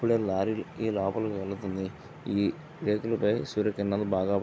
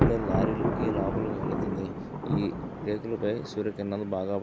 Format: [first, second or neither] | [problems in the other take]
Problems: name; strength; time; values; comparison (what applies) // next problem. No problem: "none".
first | background sound (Thunder); 1 dB above the speech